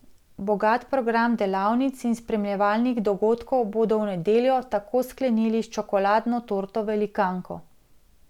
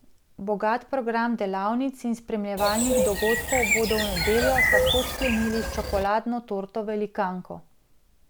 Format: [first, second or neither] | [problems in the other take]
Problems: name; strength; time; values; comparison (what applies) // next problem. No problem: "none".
first | background sound (Bird); 2 dB above the speech